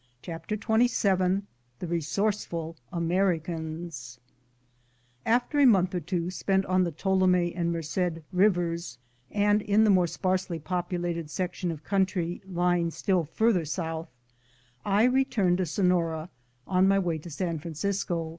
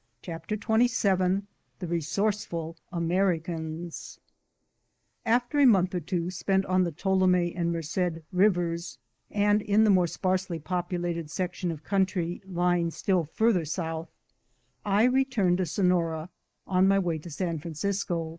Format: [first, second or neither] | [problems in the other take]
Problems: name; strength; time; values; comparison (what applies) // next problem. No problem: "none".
first | noise reduction (neural mask model Resemble Enhance denoiser)